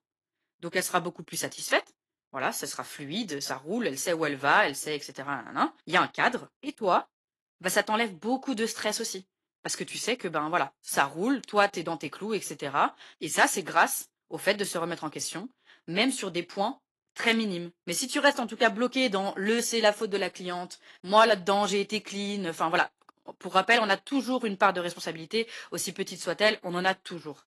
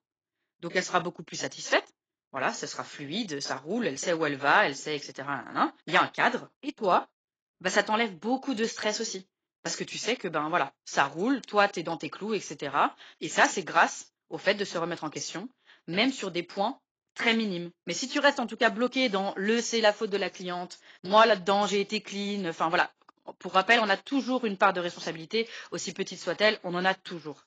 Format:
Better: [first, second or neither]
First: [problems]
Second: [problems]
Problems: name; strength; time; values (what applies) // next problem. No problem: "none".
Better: first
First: garbled, watery; slightly; nothing above 11.5 kHz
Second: garbled, watery; badly; nothing above 7.5 kHz